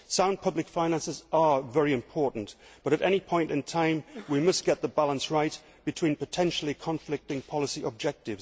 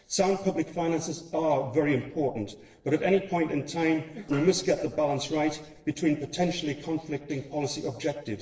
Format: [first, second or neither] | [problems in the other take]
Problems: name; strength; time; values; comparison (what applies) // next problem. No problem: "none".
first | noise reduction (neural separator model SepFormer DNS4)